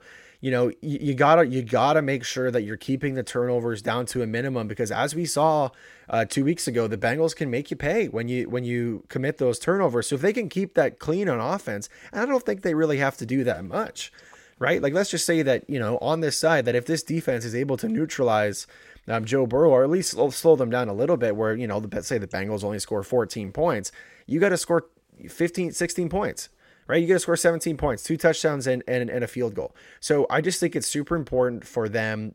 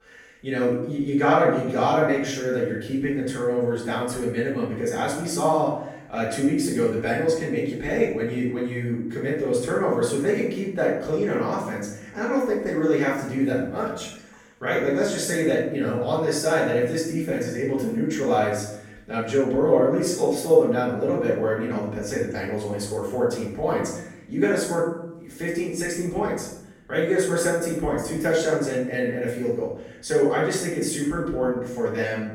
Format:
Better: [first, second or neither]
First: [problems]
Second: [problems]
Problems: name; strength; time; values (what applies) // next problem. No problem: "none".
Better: first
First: none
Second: off-mic speech; far // room echo; noticeable; dies away in 0.7 s